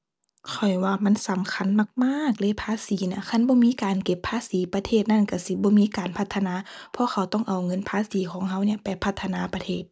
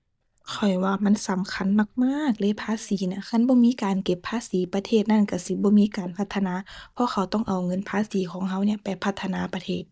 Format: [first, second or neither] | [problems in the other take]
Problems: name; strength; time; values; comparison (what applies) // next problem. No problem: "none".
first | noise reduction (neural mask model DeepFilterNet 3)